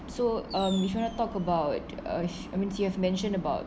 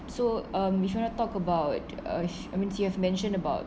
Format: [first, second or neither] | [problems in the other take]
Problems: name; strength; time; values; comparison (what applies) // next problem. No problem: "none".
second | background sound (Fireworks); 16 dB below the speech